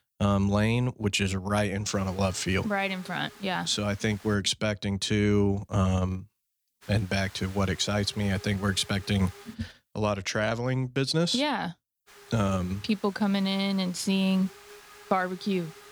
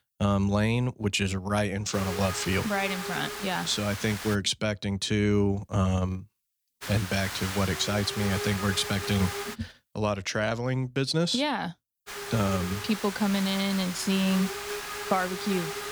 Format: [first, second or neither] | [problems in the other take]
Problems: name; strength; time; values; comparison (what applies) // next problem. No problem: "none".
first | hiss; loud; from 2 to 4.5 s, from 7 to 9.5 s and from 12 s on; 7 dB below the speech; faint in the first